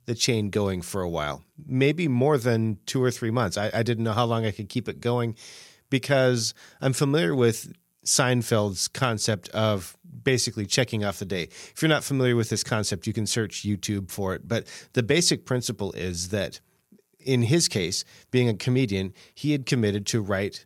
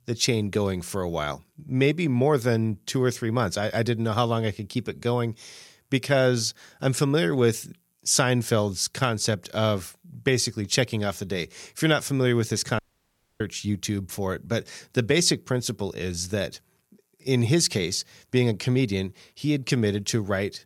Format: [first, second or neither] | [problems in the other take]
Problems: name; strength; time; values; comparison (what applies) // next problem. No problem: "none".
first | audio cutting out; at 13 s for 0.5 s